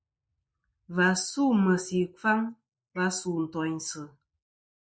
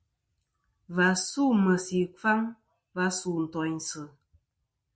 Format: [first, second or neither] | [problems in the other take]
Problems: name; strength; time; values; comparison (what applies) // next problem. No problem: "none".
second | noise reduction (neural mask model Resemble Enhance denoiser)